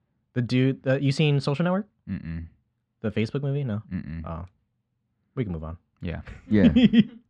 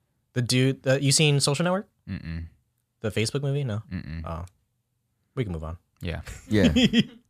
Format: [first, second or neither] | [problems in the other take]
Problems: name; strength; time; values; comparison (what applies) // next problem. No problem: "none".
second | muffled; slightly; fading above 2.5 kHz